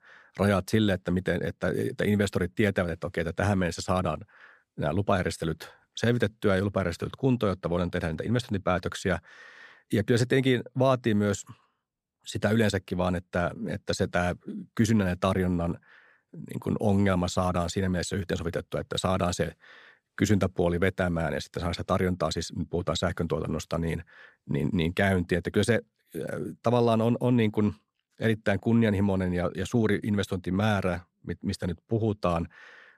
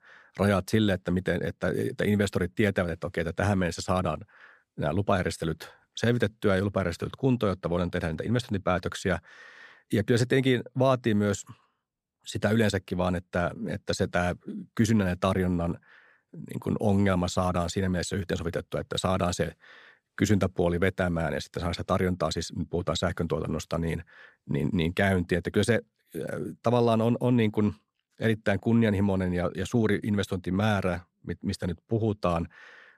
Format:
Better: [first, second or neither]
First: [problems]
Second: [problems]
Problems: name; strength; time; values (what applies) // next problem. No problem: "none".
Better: neither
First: none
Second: none